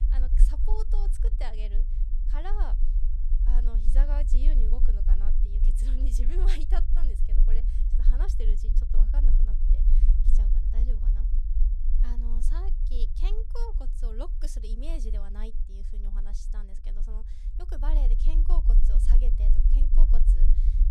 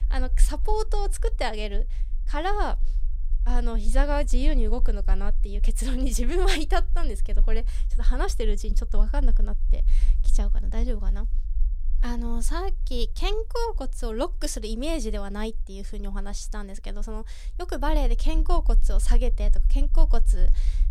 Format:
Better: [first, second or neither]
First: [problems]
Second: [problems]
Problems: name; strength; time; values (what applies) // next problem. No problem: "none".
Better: second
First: low rumble; loud; throughout; 6 dB below the speech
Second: low rumble; faint; throughout; 25 dB below the speech